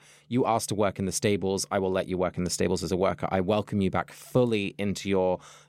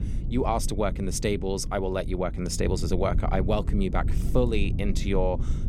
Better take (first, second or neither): first